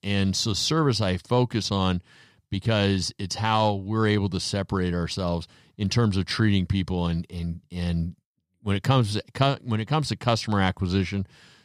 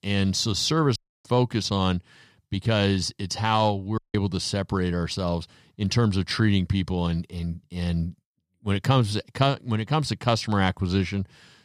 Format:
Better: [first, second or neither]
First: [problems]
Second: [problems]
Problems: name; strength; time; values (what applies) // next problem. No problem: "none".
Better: first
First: none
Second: audio cutting out; at 1 s and at 4 s